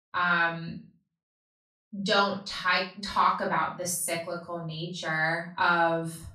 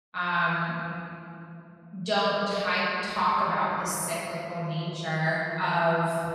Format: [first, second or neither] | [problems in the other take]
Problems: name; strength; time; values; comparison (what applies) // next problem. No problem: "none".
first | room echo; strong; dies away in 3 s; slight in the first // off-mic speech; far; far in the first